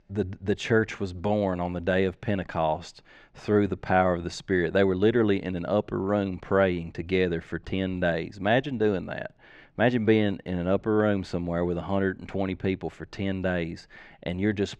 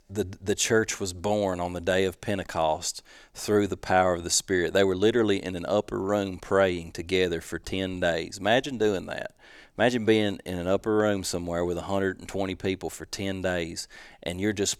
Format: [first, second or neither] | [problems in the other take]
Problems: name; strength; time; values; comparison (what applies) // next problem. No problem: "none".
second | muffled; slightly; fading above 2.5 kHz